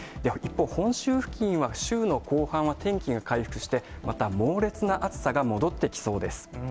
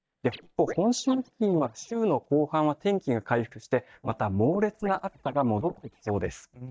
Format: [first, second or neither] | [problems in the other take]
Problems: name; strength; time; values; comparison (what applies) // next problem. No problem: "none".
first | noise reduction (neural mask model DeepFilterNet 3)